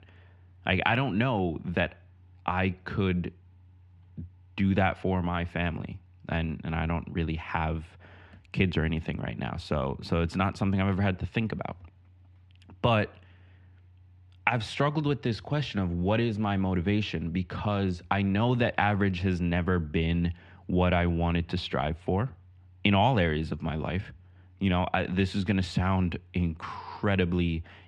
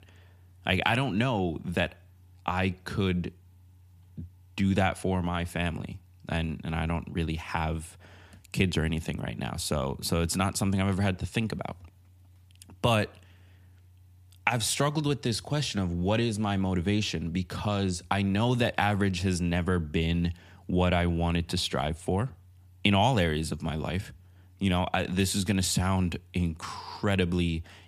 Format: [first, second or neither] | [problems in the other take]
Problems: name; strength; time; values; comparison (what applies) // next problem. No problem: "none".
second | muffled; slightly; fading above 2.5 kHz